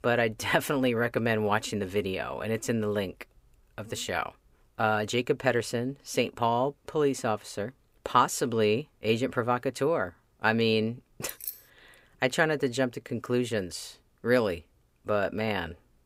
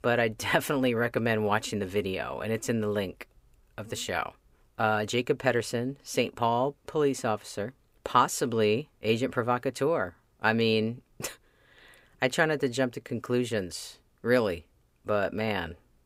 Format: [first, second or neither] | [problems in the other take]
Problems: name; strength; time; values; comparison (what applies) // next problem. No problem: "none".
second | jangling keys; noticeable; at 11 s; peak 9 dB below the speech